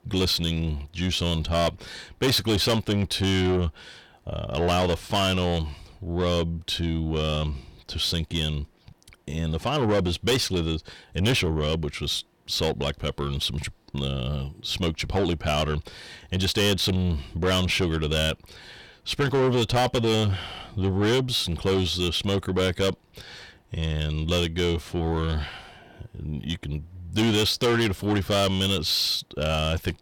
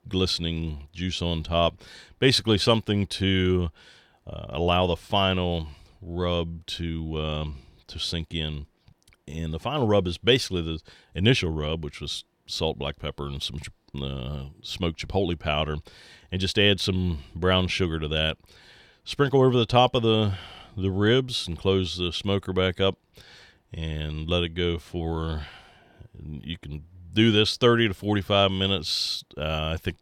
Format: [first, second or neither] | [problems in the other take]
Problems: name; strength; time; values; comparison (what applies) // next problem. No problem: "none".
second | distortion; heavy; 7 dB below the speech